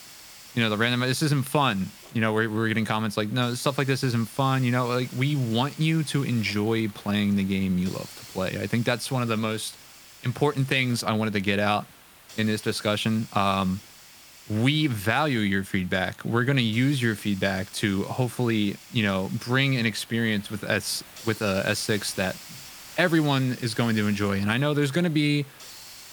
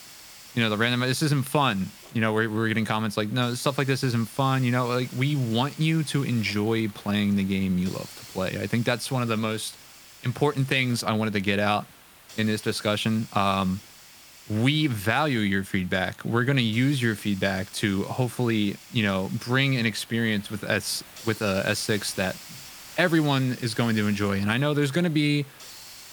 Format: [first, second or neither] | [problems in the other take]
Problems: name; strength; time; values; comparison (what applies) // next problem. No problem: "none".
neither | hiss; noticeable; throughout; 20 dB below the speech; the same in both